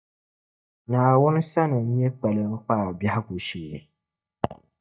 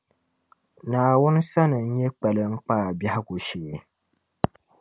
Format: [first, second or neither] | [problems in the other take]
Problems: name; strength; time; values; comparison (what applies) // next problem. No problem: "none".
second | noise reduction (neural mask model DeepFilterNet 3)